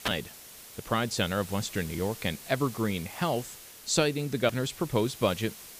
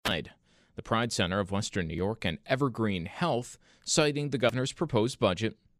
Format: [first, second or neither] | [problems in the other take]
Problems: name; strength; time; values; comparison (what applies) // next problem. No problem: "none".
second | hiss; noticeable; throughout; 15 dB below the speech